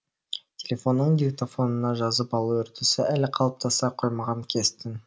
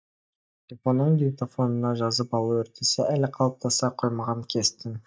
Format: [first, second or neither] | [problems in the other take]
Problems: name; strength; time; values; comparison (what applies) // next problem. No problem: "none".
first | noise reduction (neural mask model DeepFilterNet 3)